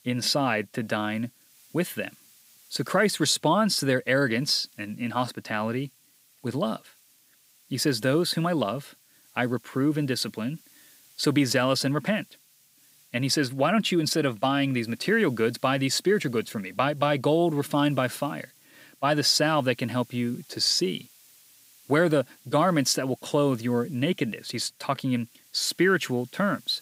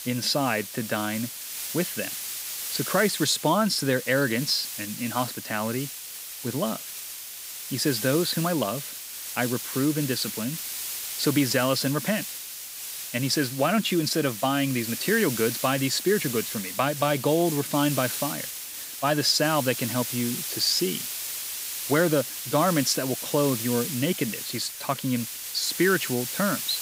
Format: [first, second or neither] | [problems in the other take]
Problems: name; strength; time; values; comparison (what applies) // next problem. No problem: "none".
first | hiss; loud; throughout; 6 dB below the speech; faint in the first